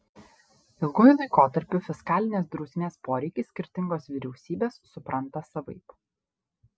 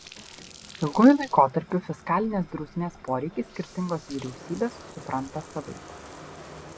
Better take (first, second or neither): first